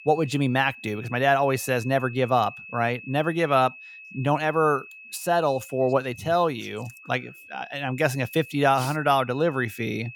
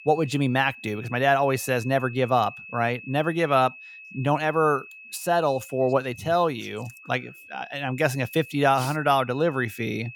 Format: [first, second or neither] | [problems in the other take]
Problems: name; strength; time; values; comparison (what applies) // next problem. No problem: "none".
neither | high-pitched whine; noticeable; throughout; 2.5 kHz, 15 dB below the speech; the same in both